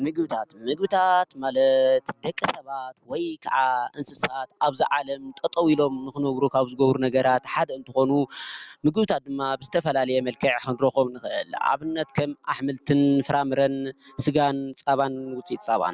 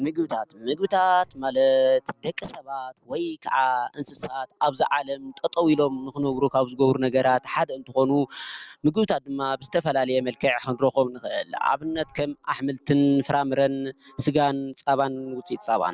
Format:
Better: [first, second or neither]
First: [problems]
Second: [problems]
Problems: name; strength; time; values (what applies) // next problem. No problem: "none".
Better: first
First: none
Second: noise reduction (neural separator model SepFormer DNS4)